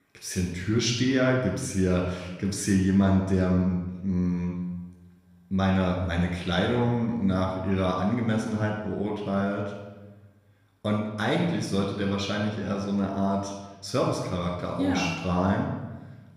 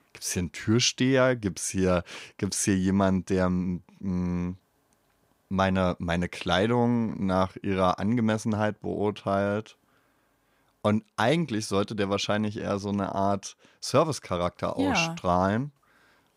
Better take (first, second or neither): second